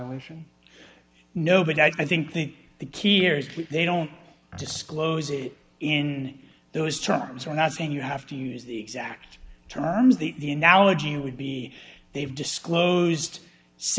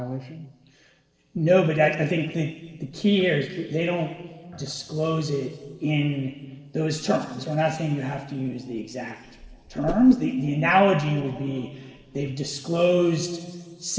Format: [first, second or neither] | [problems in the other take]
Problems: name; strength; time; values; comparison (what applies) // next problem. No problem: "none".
first | noise reduction (neural separator model SepFormer DNS4)